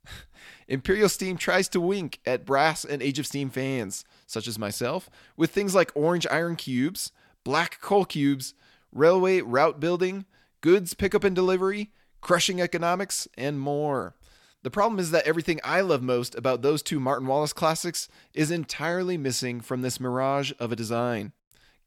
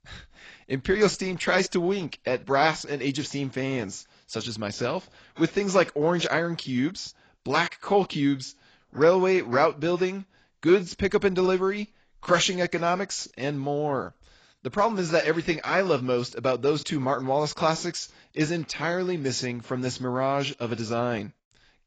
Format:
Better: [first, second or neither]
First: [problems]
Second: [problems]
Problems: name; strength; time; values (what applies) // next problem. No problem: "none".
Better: first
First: none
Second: garbled, watery; badly; nothing above 7.5 kHz